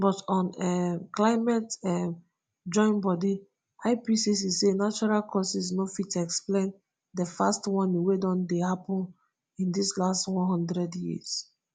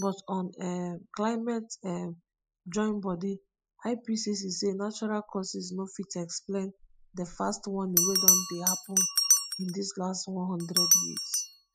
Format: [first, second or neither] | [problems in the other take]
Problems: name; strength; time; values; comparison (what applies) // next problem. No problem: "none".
first | noise reduction (classical method spectral subtraction)